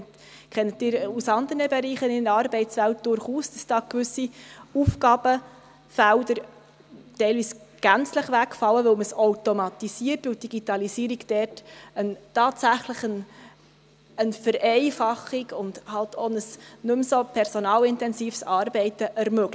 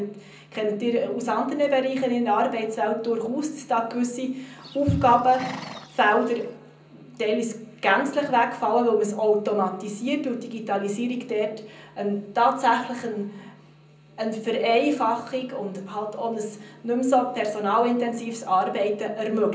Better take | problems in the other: first | background sound (Livestock, farm animals, working animals); 16 dB below the speech // room echo; dies away in 0.6 s

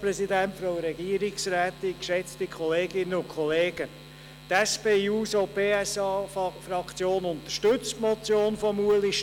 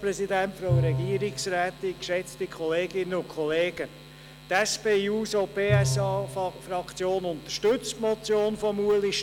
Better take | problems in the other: first | background sound (Bowed string instrument); 7 dB below the speech

